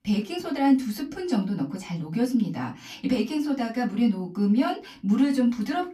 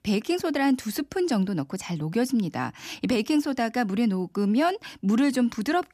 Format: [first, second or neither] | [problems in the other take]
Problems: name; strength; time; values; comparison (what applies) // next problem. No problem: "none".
second | off-mic speech; far // room echo; very slight; dies away in 0.2 s